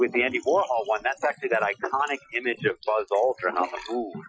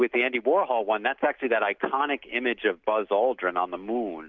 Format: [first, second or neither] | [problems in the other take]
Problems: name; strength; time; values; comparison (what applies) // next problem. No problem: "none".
second | noise reduction (classical method Wiener filter)